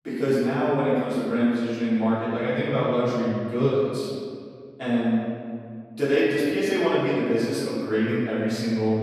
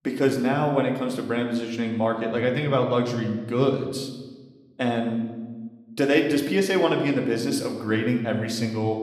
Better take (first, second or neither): second